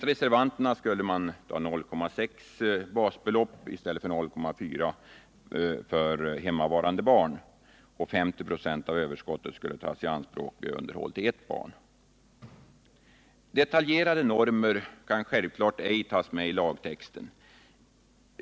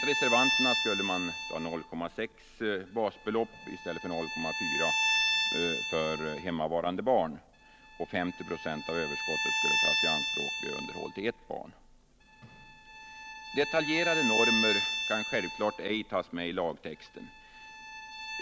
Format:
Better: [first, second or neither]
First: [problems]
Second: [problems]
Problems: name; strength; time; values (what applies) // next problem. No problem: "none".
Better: first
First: none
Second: background sound (Bowed string instrument); as loud as the speech